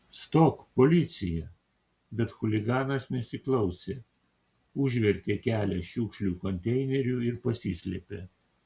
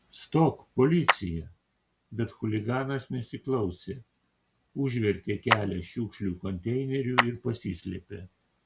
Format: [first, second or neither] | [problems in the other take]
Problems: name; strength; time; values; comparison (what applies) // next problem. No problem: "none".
first | background sound (Clapping); 3 dB below the speech